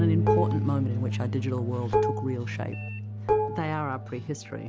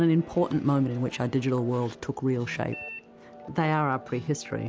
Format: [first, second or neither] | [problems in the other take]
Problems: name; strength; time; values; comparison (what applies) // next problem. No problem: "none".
second | background sound (Bass guitar + Dishes, pots, and pans); 4 dB above the speech